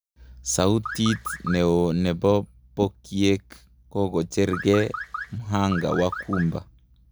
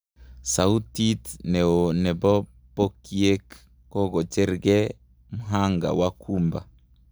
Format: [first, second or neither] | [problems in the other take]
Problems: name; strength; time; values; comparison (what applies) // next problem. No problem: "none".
second | background sound (Car); 11 dB below the speech